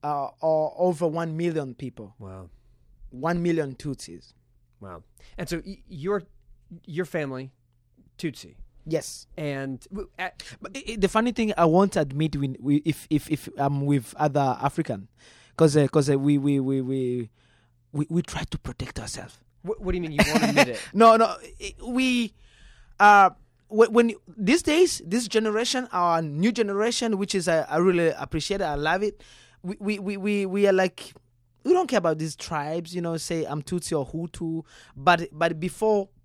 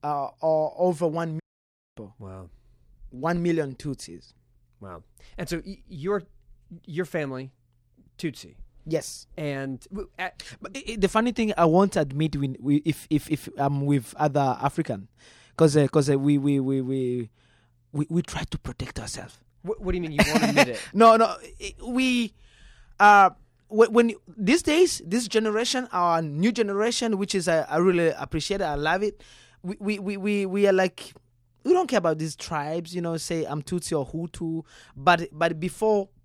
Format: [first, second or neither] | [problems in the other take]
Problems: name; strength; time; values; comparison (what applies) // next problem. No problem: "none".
first | audio cutting out; at 1.5 s for 0.5 s